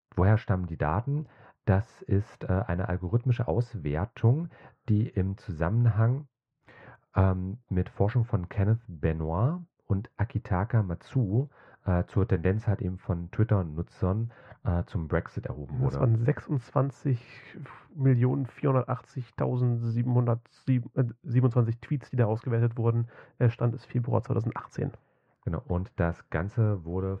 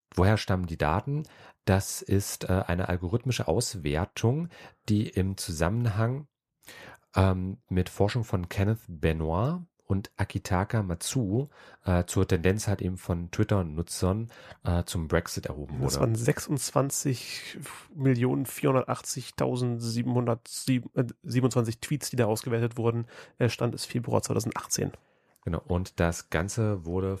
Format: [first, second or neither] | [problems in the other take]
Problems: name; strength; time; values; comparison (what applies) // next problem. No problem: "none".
second | muffled; very; fading above 1.5 kHz